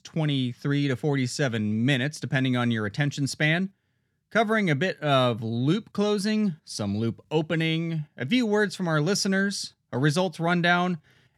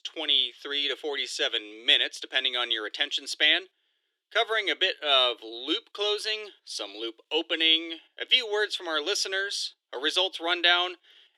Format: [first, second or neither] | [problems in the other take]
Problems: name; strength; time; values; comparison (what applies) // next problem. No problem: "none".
first | thin; very; fading below 300 Hz